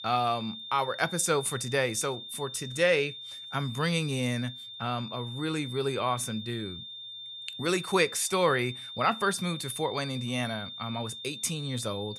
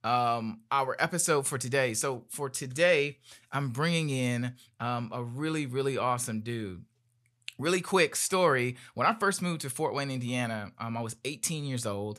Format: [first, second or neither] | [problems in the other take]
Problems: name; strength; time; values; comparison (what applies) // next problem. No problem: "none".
second | high-pitched whine; loud; throughout; 3.5 kHz, 10 dB below the speech